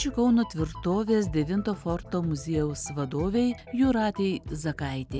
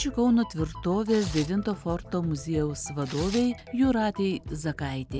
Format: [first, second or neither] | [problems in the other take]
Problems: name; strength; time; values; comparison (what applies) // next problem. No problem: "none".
first | background sound (Tearing); 19 dB below the speech